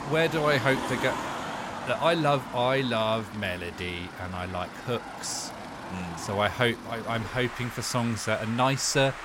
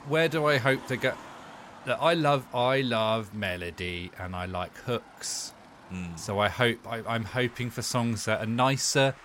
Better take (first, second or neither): second